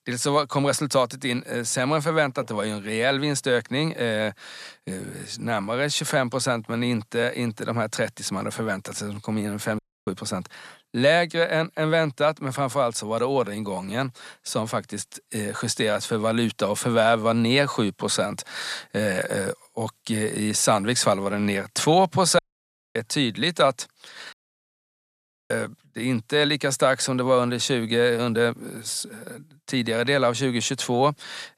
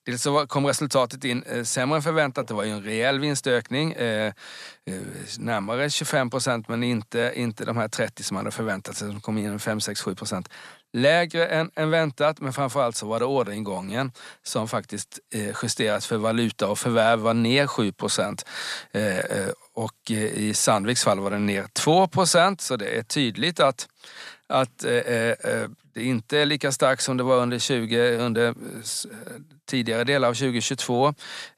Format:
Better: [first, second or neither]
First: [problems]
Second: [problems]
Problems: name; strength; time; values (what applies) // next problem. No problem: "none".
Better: second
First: audio cutting out; at 10 s, at 22 s for 0.5 s and at 24 s for 1 s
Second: none